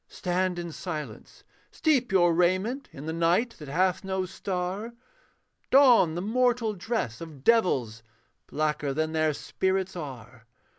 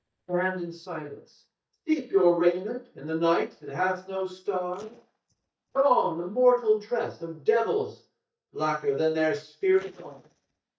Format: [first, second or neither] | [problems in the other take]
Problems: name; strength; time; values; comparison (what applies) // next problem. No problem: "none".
first | noise reduction (neural mask model DeepFilterNet 3)